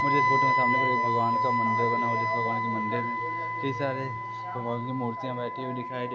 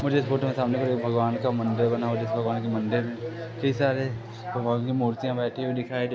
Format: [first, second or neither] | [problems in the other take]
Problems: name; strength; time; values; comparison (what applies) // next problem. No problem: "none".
second | background sound (Wind instrument, woodwind instrument); 4 dB above the speech